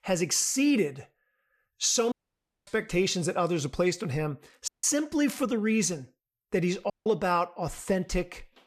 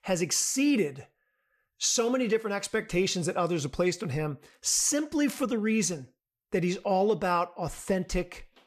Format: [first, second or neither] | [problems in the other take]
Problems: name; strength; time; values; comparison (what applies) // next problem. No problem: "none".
second | audio cutting out; at 2 s for 0.5 s, at 4.5 s and at 7 s